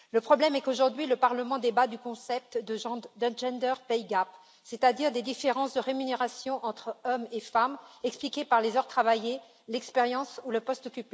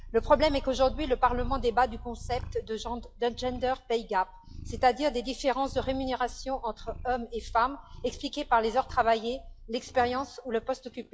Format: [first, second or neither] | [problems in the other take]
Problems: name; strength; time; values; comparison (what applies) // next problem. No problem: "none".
first | noise reduction (classical method log-MMSE)